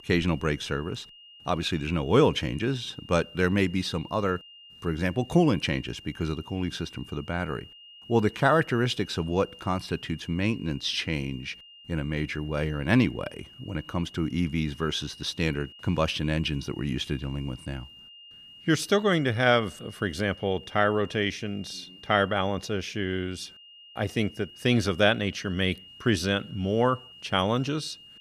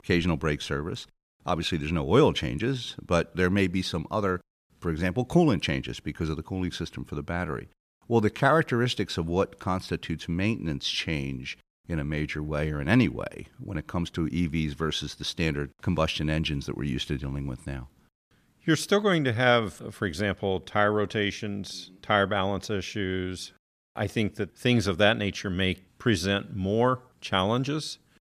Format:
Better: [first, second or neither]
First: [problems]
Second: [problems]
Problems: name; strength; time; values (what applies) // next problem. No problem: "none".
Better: second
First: high-pitched whine; noticeable; throughout; 3 kHz, 20 dB below the speech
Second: none